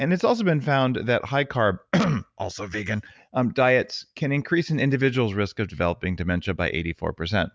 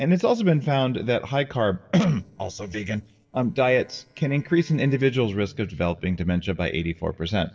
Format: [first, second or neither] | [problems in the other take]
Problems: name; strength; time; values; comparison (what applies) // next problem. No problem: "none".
first | noise reduction (neural separator model SepFormer DNS4)